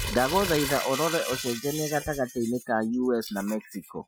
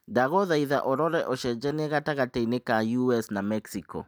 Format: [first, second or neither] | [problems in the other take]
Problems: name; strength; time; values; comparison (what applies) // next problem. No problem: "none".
second | noise reduction (classical method Wiener filter)